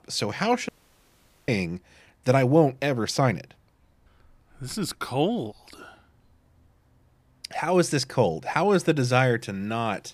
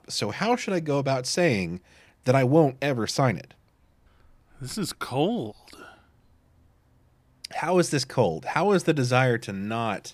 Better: second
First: audio cutting out; at 0.5 s for 1 s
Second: none

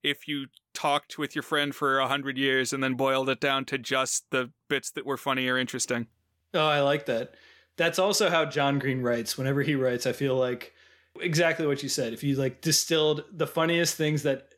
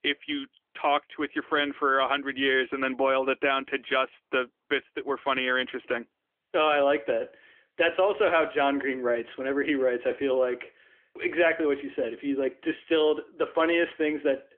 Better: first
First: none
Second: phone-call audio; nothing above 3.5 kHz

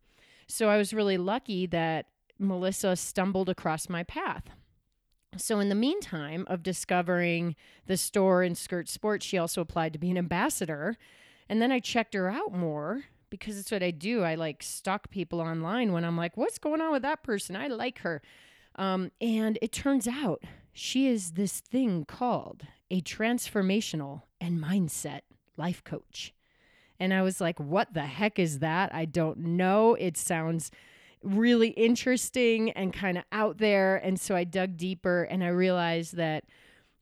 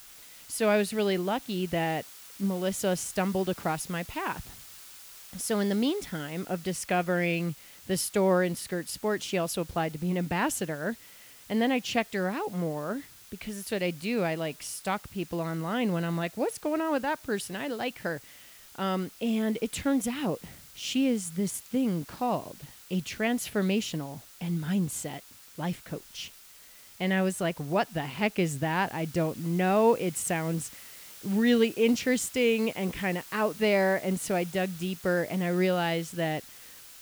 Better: first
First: none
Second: hiss; noticeable; throughout; 20 dB below the speech

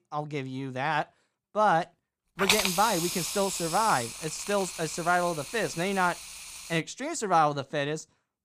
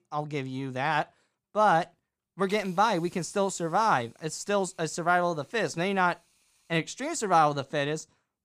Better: second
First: hiss; loud; from 2.5 to 7 s; 4 dB below the speech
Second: hiss; faint; from 2.5 to 7 s; 30 dB below the speech

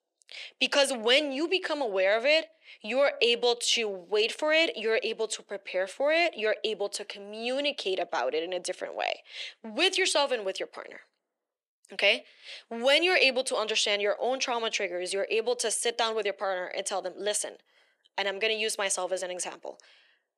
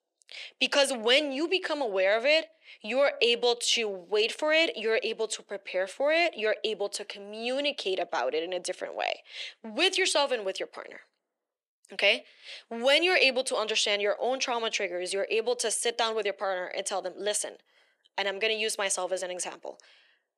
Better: neither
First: thin; somewhat; fading below 300 Hz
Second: thin; somewhat; fading below 300 Hz

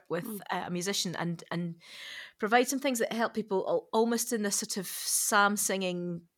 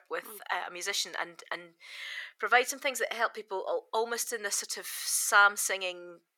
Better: first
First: none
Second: thin; very; fading below 450 Hz

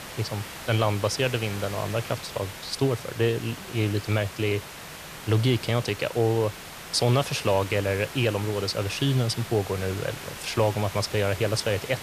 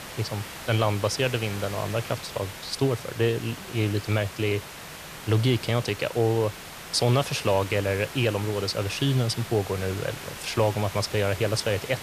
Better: neither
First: hiss; noticeable; throughout; 10 dB below the speech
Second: hiss; noticeable; throughout; 10 dB below the speech

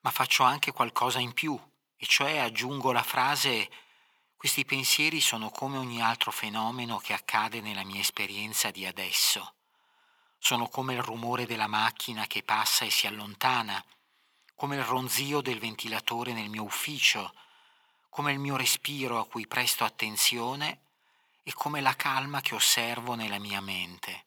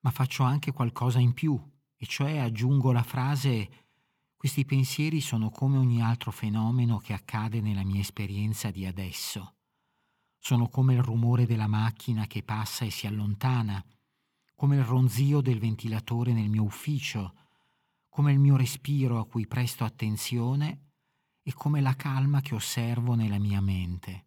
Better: second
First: thin; very; fading below 600 Hz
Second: none

